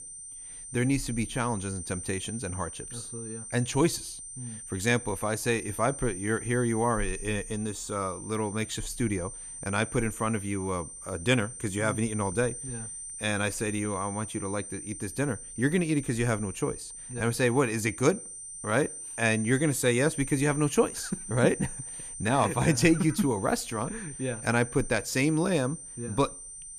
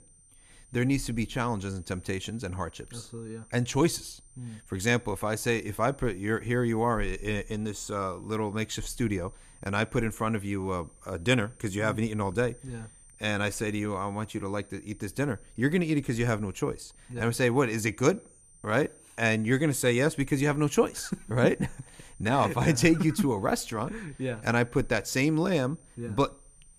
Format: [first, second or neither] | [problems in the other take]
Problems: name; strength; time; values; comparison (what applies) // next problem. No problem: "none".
second | high-pitched whine; loud; throughout; 9 kHz, 10 dB below the speech; faint in the second